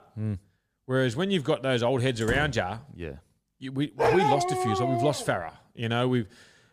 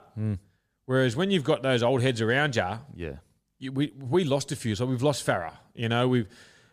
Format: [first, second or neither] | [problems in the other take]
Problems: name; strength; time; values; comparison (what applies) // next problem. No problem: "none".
second | door banging; noticeable; at 2 s; peak 7 dB below the speech // dog barking; loud; from 4 to 5 s; peak 5 dB above the speech